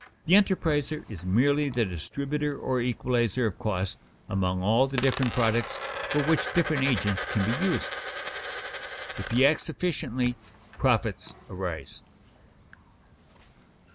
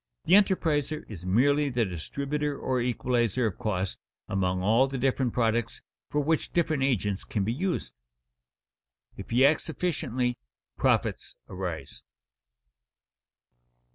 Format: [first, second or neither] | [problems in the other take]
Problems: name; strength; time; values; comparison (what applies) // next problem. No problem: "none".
second | background sound (Coin (dropping)); 11 dB below the speech